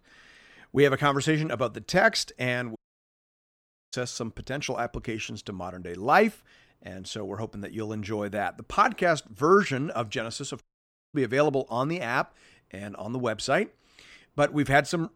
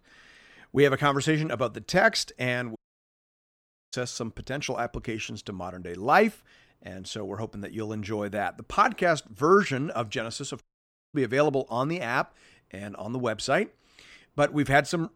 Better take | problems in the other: neither | audio cutting out; at 3 s for 1 s and at 11 s for 0.5 s; the same in both

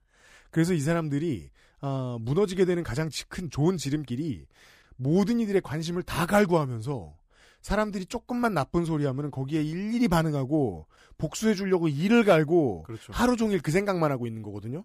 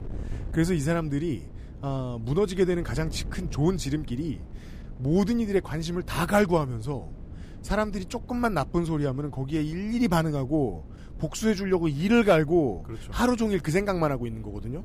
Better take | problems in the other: first | wind noise on the microphone; occasional gusts; 25 dB below the speech

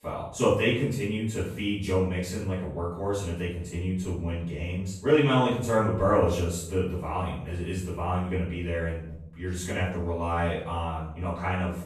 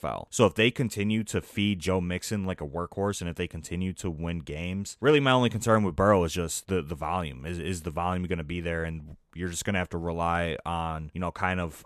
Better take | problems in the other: second | off-mic speech; far // room echo; noticeable; dies away in 0.6 s

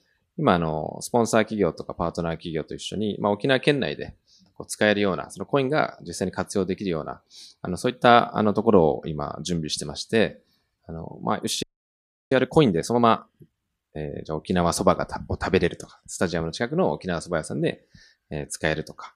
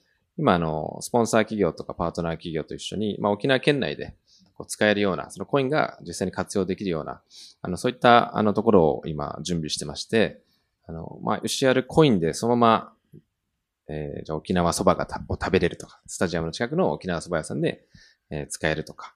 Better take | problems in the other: second | audio freezing; at 12 s for 0.5 s

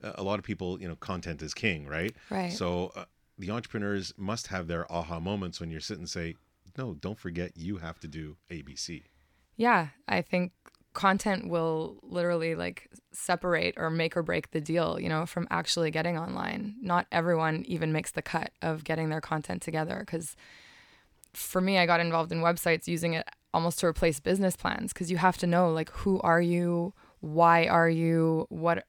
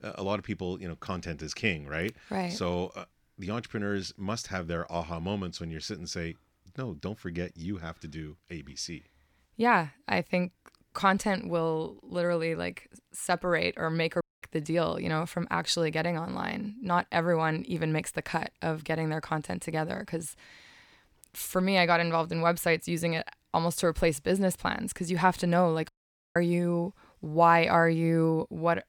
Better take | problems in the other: first | audio cutting out; at 14 s and at 26 s

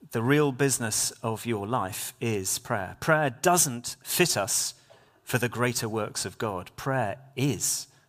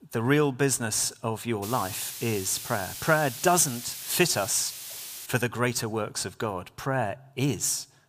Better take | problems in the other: first | hiss; loud; from 1.5 to 5.5 s; 10 dB below the speech

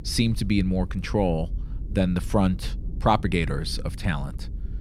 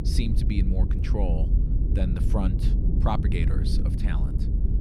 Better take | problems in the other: first | low rumble; loud; throughout; 4 dB below the speech; faint in the first

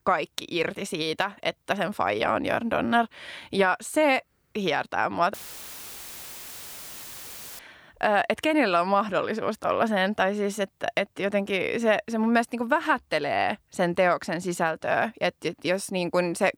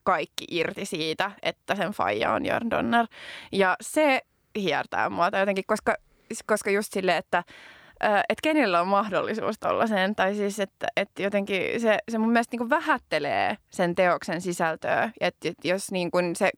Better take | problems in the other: second | audio cutting out; filled with static; at 5.5 s for 2.5 s

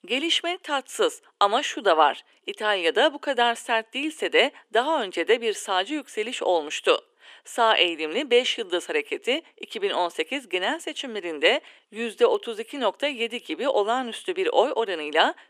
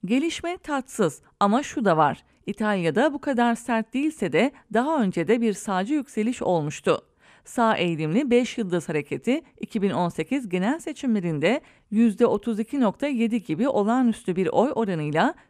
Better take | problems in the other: second | thin; very; fading below 350 Hz

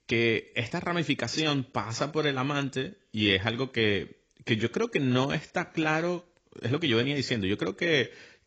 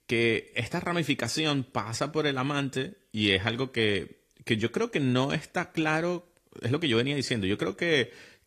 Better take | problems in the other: second | garbled, watery; badly; nothing above 7.5 kHz; slightly in the second

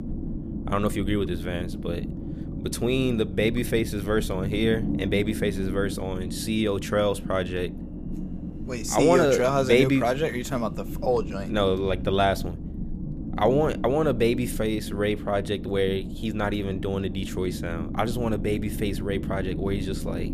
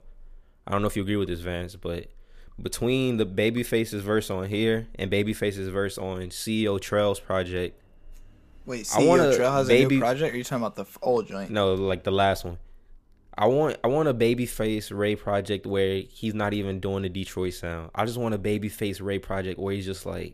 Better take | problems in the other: second | low rumble; noticeable; throughout; 15 dB below the speech

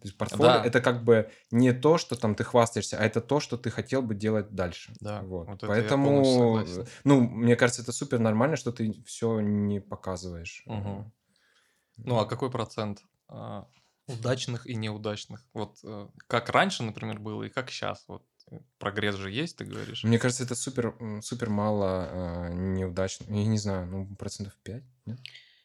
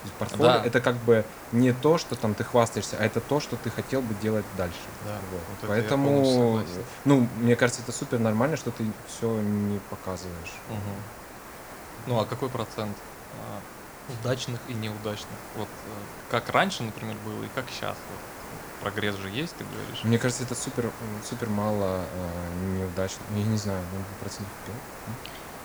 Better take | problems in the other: first | hiss; noticeable; throughout; 15 dB below the speech

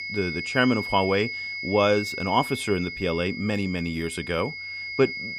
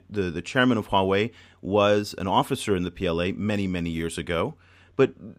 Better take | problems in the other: second | high-pitched whine; loud; throughout; 2 kHz, 6 dB below the speech

